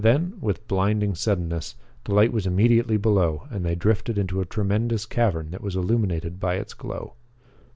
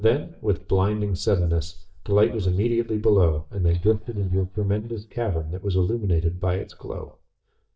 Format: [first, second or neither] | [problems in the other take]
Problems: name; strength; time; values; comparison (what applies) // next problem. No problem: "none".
first | noise reduction (neural mask model DeepFilterNet 3)